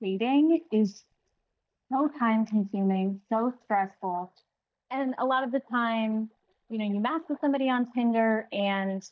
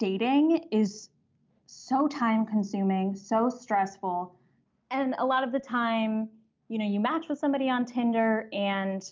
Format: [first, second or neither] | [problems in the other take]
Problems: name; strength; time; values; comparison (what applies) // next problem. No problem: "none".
second | noise reduction (neural mask model DeepFilterNet 3)